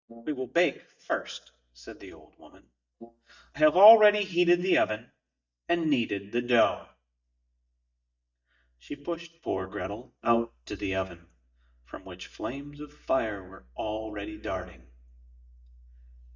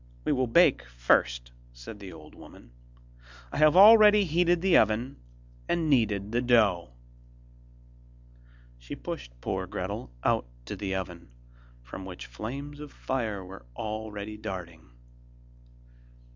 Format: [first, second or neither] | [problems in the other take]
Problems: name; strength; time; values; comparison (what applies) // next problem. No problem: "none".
second | noise reduction (neural mask model DeepFilterNet 3)